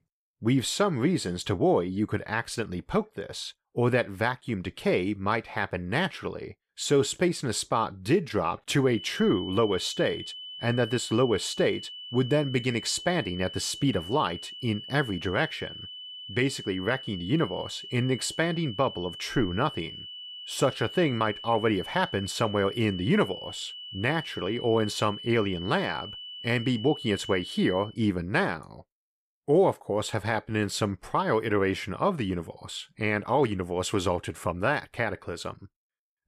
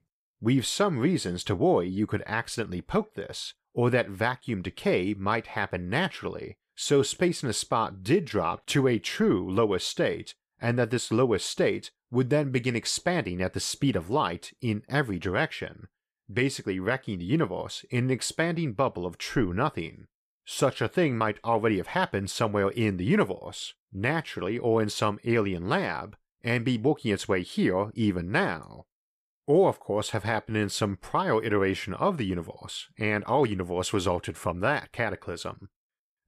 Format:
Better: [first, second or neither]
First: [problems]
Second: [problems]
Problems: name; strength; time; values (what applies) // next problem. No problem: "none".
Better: second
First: high-pitched whine; noticeable; from 9 to 28 s; 3 kHz, 10 dB below the speech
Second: none